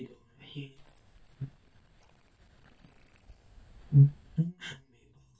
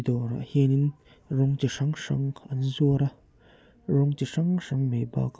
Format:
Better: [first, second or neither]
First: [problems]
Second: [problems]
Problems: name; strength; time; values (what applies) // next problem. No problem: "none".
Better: second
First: noise reduction (neural mask model DeepFilterNet 3)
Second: none